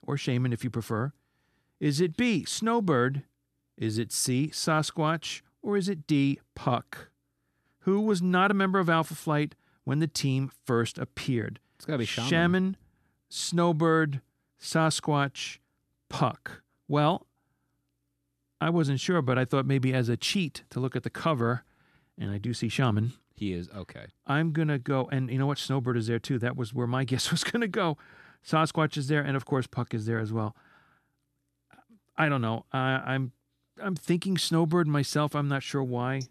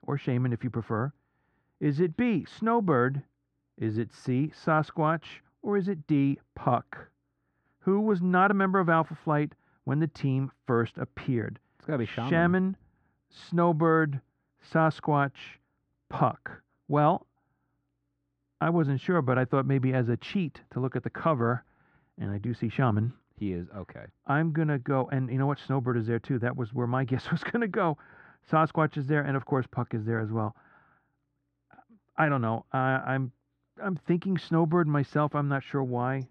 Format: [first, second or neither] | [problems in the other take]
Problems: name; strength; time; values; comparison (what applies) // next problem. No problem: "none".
first | muffled; very; fading above 1.5 kHz